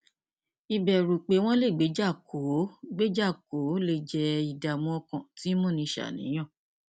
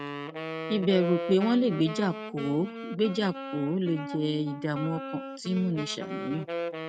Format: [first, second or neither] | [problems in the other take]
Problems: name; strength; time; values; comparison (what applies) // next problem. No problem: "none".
first | noise reduction (neural mask model RNNoise)